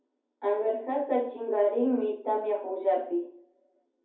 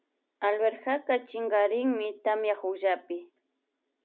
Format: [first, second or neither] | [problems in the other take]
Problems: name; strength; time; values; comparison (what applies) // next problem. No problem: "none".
second | room echo; dies away in 0.6 s